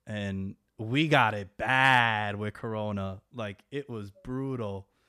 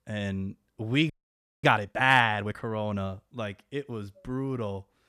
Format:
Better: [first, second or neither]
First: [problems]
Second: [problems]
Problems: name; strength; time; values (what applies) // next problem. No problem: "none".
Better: first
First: none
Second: audio freezing; at 1 s for 0.5 s